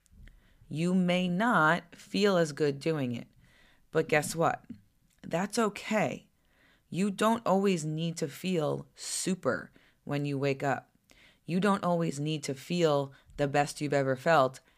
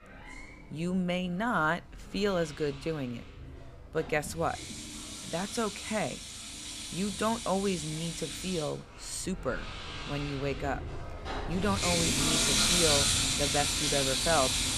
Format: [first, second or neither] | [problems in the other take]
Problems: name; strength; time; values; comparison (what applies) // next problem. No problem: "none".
first | household noises; very loud; throughout; 3 dB above the speech